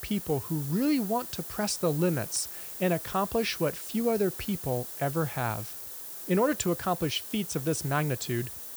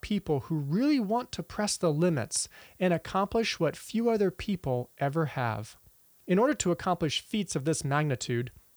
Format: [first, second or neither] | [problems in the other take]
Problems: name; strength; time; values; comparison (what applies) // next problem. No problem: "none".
second | hiss; loud; throughout; 8 dB below the speech; faint in the second